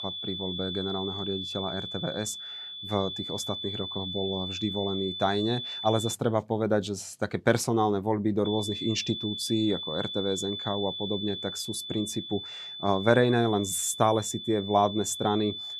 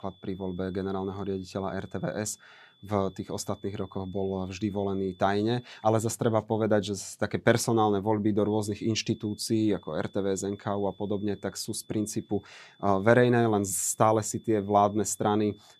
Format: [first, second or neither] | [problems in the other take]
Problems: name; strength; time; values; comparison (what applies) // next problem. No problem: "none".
second | high-pitched whine; loud; until 6 s and from 8.5 s on; 3.5 kHz, 6 dB below the speech; faint in the second